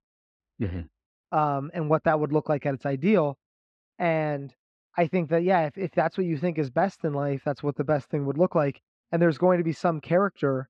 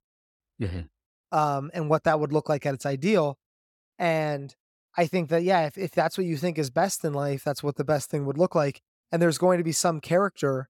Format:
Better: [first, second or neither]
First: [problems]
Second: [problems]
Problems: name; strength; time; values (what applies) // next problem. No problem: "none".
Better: second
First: muffled; very; fading above 3 kHz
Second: none